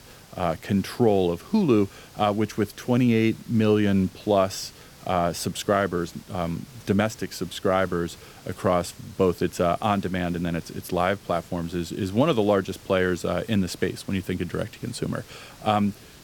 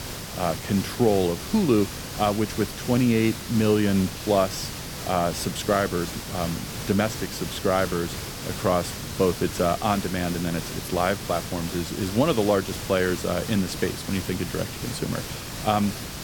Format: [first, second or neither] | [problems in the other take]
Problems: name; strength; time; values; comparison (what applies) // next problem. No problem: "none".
first | hiss; loud; throughout; 8 dB below the speech; faint in the first